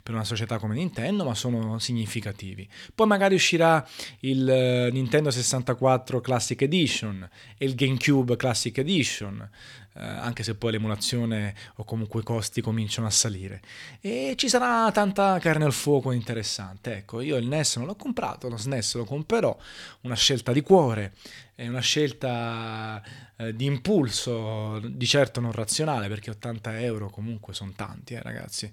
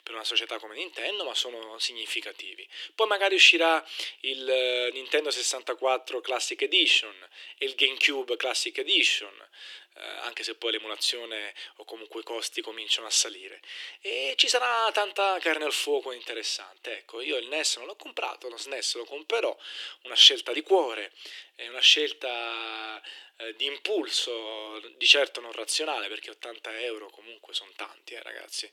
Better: first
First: none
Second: thin; very; fading below 300 Hz

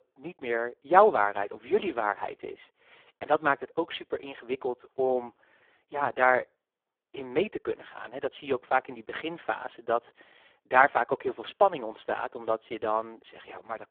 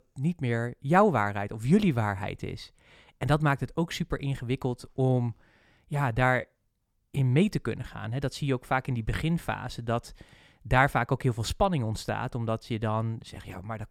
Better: second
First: phone-call audio; poor line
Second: none

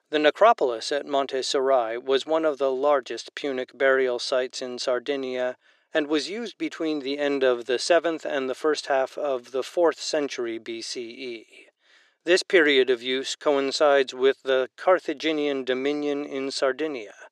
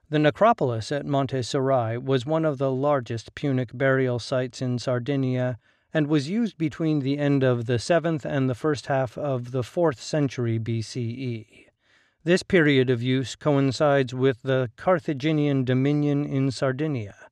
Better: second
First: thin; somewhat; fading below 350 Hz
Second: none

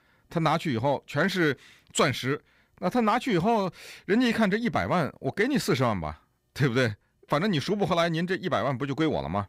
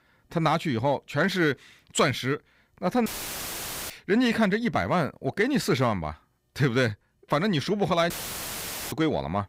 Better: first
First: none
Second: audio cutting out; filled with static; at 3 s for 1 s and at 8 s for 1 s

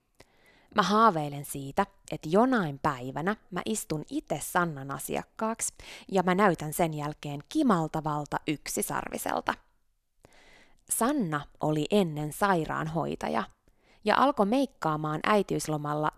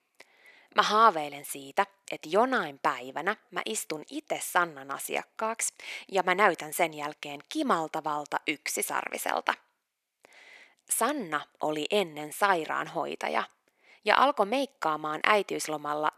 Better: first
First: none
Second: thin; somewhat; fading below 400 Hz

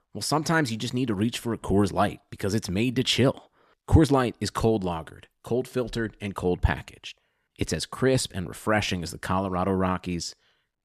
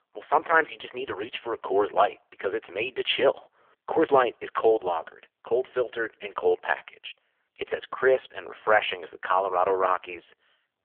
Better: first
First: none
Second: phone-call audio; poor line; nothing above 3.5 kHz

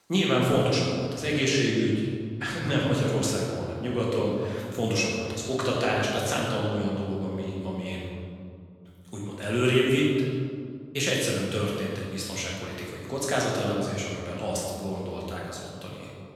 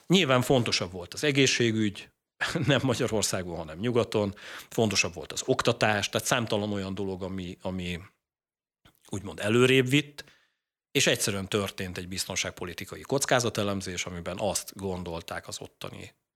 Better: second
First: room echo; noticeable; dies away in 2.1 s // off-mic speech; far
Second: none

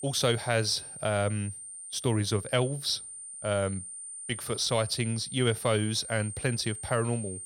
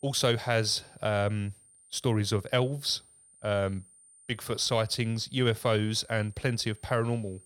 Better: second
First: high-pitched whine; loud; throughout; 9 kHz, 9 dB below the speech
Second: high-pitched whine; faint; throughout; 9 kHz, 25 dB below the speech

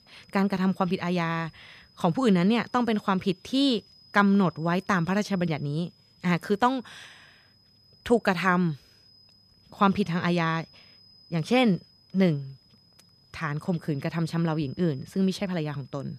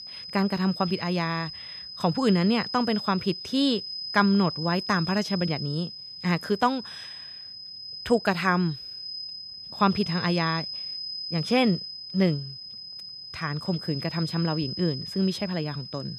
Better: first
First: high-pitched whine; faint; throughout; 5 kHz, 30 dB below the speech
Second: high-pitched whine; loud; throughout; 5 kHz, 8 dB below the speech

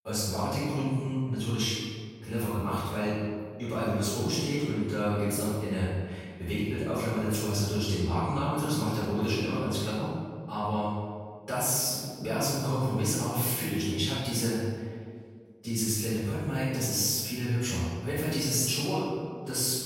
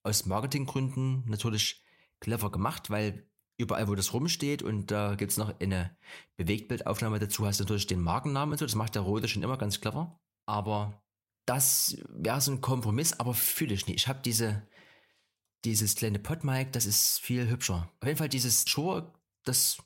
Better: second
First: room echo; strong; dies away in 1.7 s // off-mic speech; far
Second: none

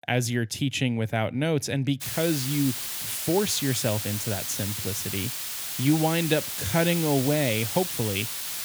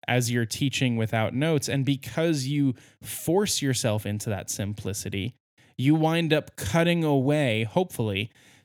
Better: second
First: hiss; loud; from 2 s on; 3 dB below the speech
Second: none

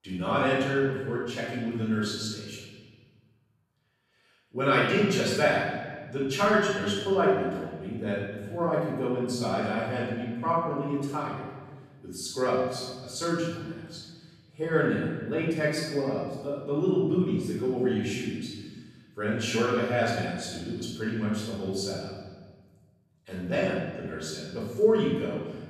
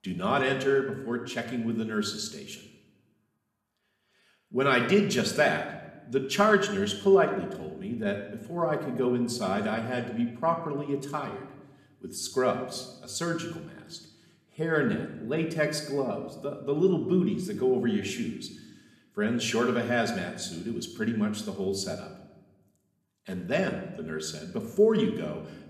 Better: second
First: room echo; strong; dies away in 1.6 s // off-mic speech; far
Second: room echo; slight; dies away in 0.8 s

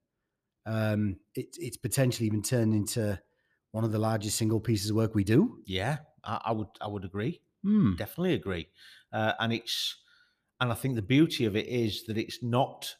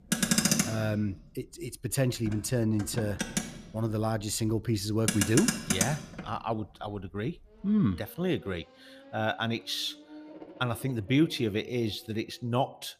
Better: first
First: none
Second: traffic noise; very loud; throughout; 1 dB above the speech

